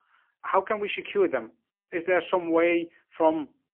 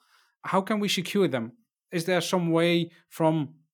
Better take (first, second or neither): second